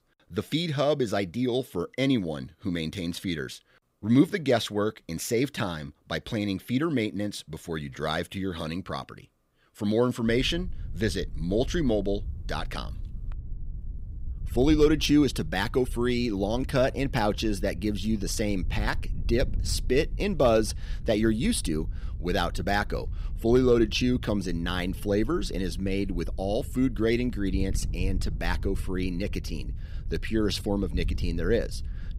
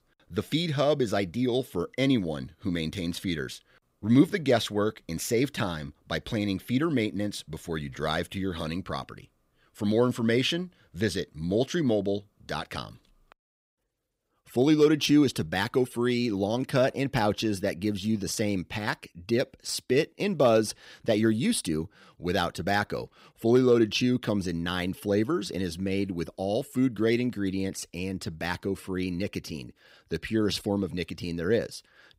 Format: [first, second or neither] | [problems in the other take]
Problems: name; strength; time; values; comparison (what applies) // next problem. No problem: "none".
second | wind noise on the microphone; occasional gusts; from 10 s on; 25 dB below the speech